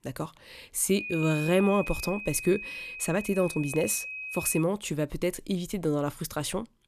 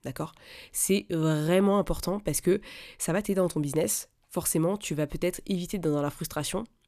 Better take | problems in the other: second | high-pitched whine; loud; from 1 to 4.5 s; 2.5 kHz, 8 dB below the speech

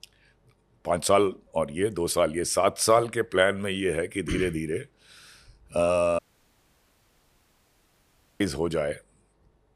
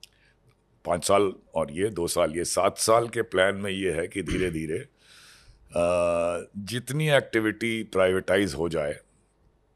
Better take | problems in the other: second | audio cutting out; at 6 s for 2 s

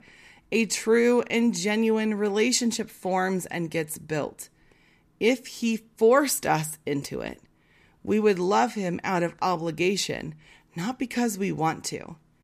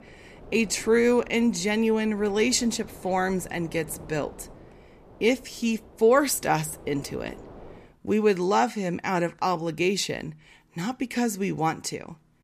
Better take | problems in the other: first | wind noise on the microphone; occasional gusts; until 8 s; 20 dB below the speech

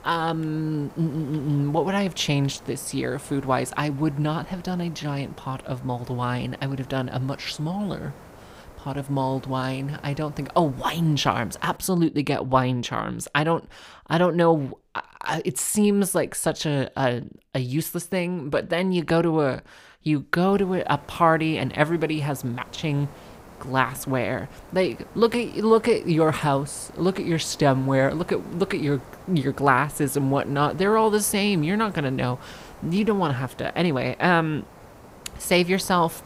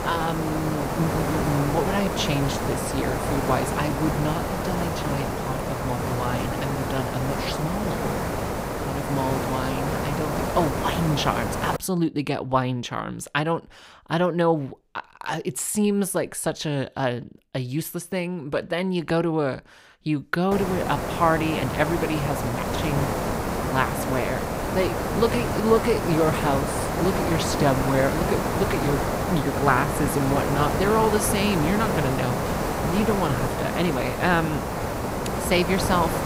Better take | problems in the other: first | hiss; loud; until 12 s and from 21 s on; 1 dB below the speech; faint in the first

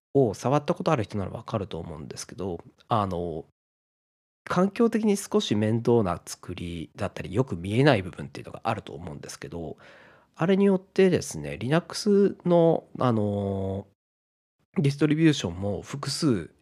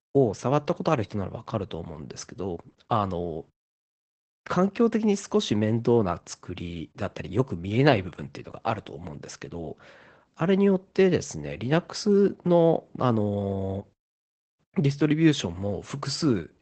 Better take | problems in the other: first | garbled, watery; badly; nothing above 8 kHz

